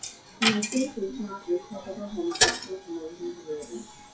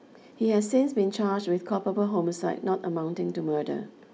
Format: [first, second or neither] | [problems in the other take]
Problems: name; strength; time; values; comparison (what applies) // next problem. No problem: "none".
second | noise reduction (classical method WPE with log-MMSE)